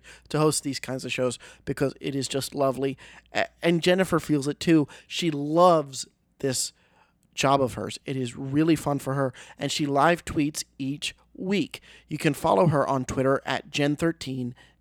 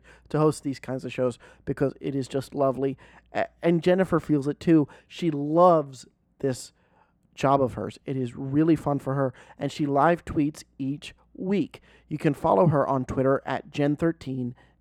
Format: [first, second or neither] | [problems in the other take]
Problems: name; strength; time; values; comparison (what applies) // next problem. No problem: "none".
first | muffled; slightly; fading above 2 kHz